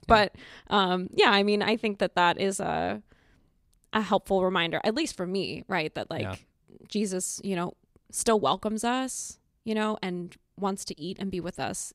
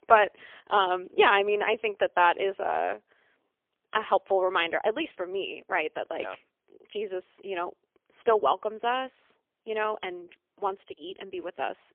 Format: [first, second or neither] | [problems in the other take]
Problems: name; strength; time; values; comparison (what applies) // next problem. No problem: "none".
first | phone-call audio; poor line; nothing above 3.5 kHz